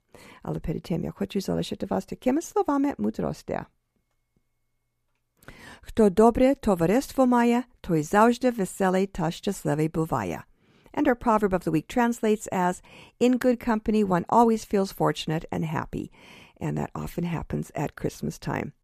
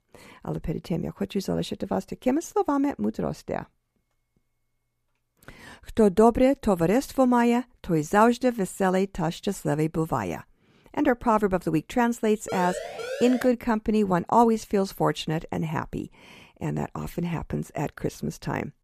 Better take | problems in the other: first | siren; noticeable; from 12 to 13 s; peak 8 dB below the speech

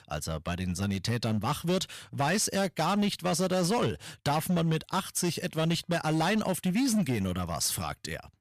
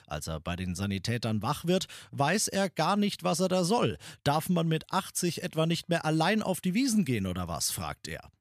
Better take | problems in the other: second | distortion; slight; 11% of the sound clipped

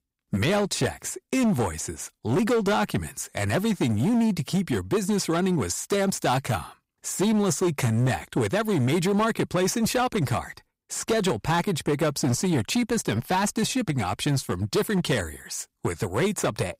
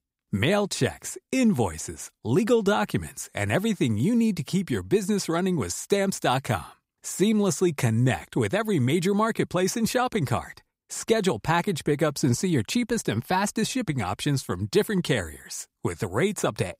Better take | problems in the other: second | distortion; slight; 12% of the sound clipped

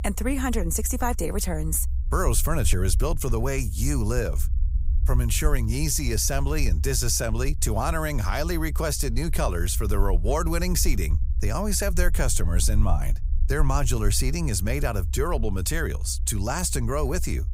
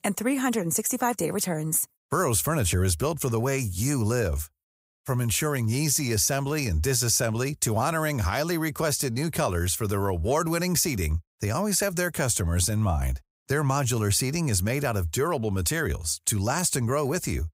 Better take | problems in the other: second | low rumble; faint; throughout; 20 dB below the speech

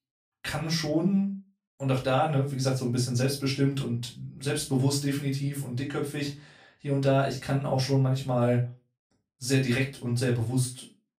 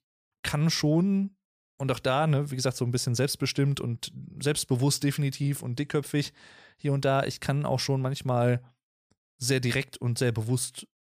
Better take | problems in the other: second | off-mic speech; far // room echo; slight; dies away in 0.2 s

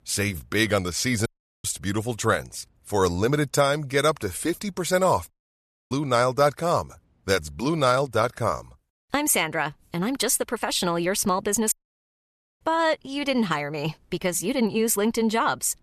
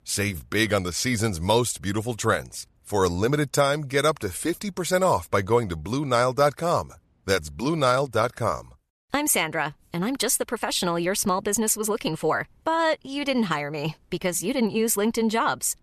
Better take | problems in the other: second | audio cutting out; at 1.5 s, at 5.5 s for 0.5 s and at 12 s for 1 s

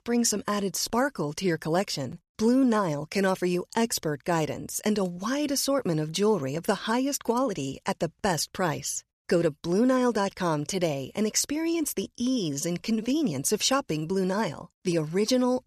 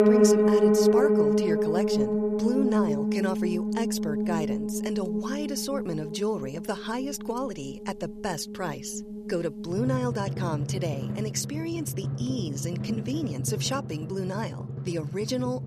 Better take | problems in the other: first | background music; very loud; throughout; 4 dB above the speech

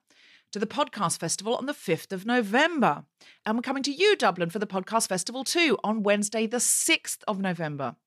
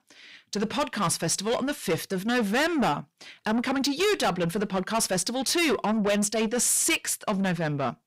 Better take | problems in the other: first | distortion; heavy; 6 dB below the speech

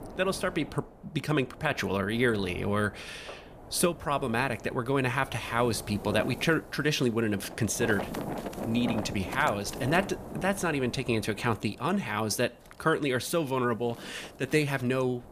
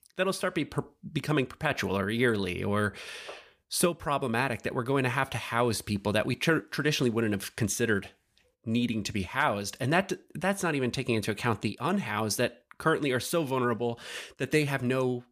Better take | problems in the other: second | wind noise on the microphone; occasional gusts; 15 dB below the speech

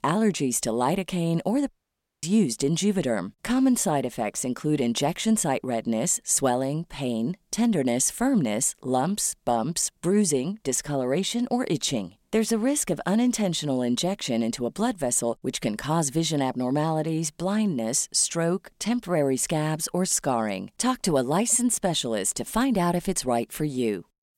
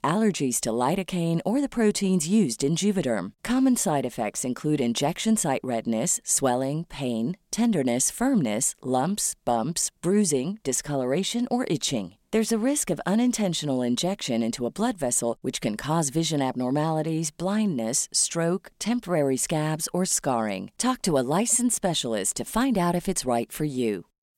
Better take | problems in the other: second | audio cutting out; at 1.5 s for 0.5 s

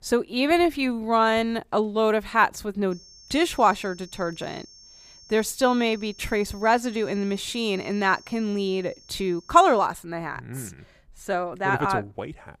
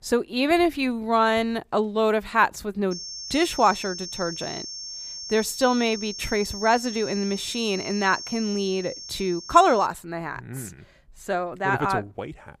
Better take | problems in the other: first | high-pitched whine; loud; from 3 to 10 s; 5.5 kHz, 10 dB below the speech; faint in the first

